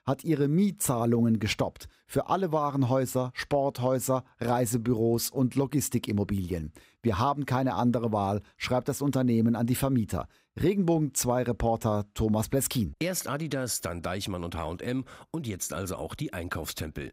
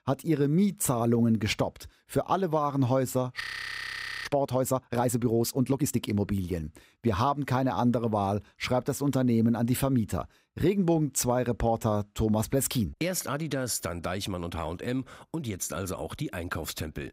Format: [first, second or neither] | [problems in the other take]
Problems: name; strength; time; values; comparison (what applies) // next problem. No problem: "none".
first | audio freezing; at 3.5 s for 1 s